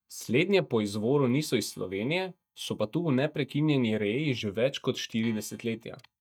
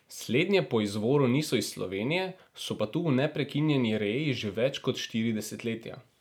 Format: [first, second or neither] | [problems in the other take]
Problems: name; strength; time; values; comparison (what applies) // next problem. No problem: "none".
second | noise reduction (neural mask model DeepFilterNet 3)